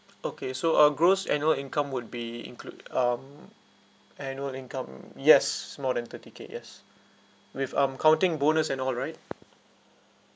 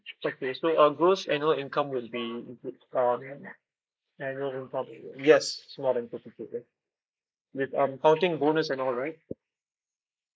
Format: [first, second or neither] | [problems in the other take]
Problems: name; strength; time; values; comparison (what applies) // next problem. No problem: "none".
first | noise reduction (neural mask model Resemble Enhance denoiser)